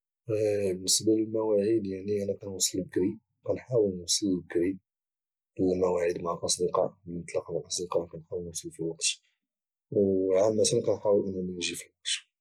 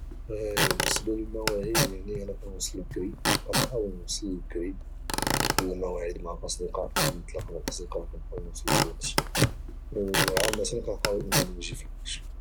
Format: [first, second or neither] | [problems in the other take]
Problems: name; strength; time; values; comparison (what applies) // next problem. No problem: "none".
first | background sound (Squeak / Wood); 4 dB above the speech